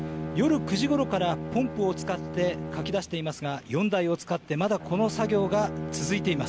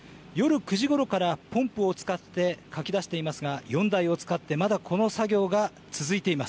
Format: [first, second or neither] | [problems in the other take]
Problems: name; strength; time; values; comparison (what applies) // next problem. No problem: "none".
second | background sound (Bowed string instrument); 8 dB below the speech